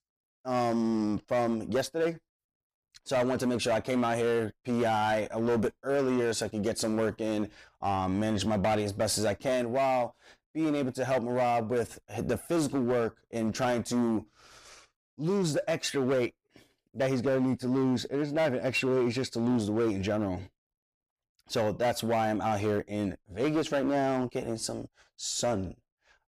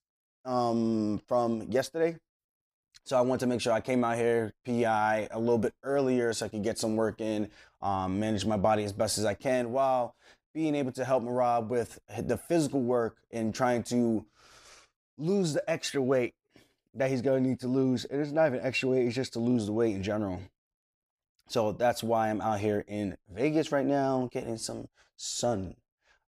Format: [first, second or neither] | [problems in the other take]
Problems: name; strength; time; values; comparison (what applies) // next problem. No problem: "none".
second | distortion; slight; 11% of the sound clipped